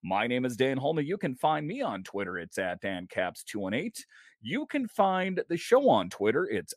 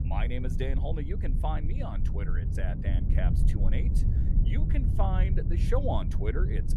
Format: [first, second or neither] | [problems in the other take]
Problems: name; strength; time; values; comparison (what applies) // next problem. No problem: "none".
first | low rumble; loud; throughout; 6 dB below the speech